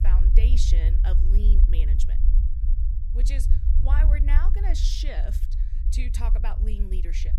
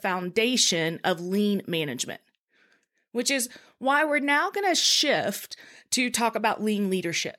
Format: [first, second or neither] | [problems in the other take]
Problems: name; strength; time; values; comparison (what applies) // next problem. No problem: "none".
second | low rumble; loud; throughout; 6 dB below the speech